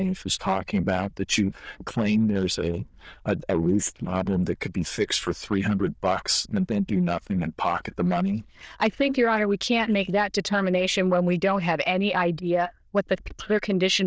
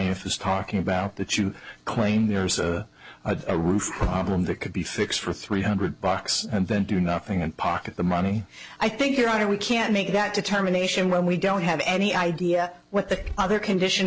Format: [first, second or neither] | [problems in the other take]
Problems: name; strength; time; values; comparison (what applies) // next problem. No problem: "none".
second | noise reduction (neural diffusion model UNIVERSE++)